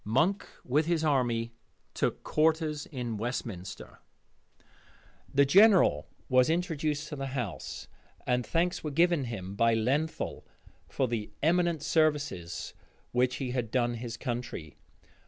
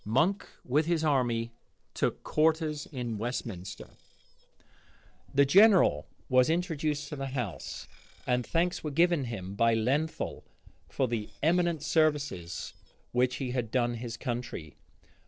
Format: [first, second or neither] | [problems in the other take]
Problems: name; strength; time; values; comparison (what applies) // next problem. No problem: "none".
first | noise reduction (neural separator model SepFormer DNS4)